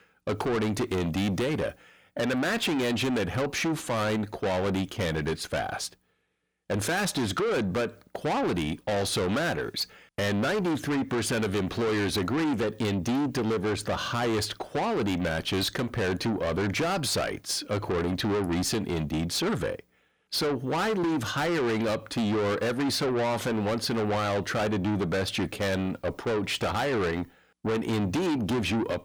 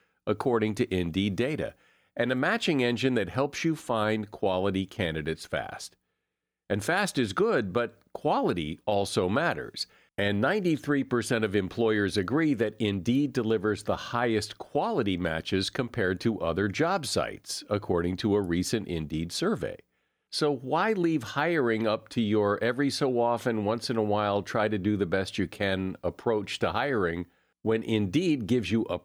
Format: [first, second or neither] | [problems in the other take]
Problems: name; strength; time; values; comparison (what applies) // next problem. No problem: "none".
second | distortion; heavy; 6 dB below the speech